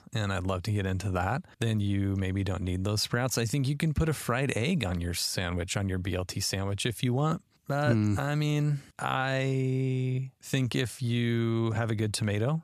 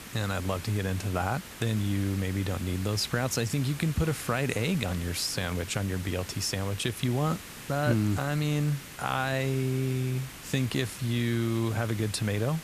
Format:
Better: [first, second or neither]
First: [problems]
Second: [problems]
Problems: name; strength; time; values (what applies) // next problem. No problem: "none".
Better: first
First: none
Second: hiss; noticeable; throughout; 15 dB below the speech